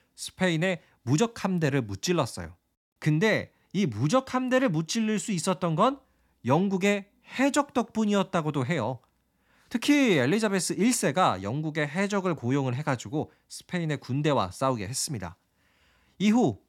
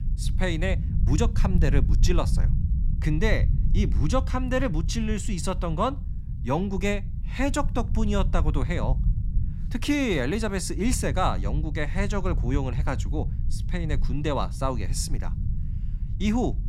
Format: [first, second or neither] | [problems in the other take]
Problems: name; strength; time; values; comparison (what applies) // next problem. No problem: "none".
first | low rumble; noticeable; throughout; 15 dB below the speech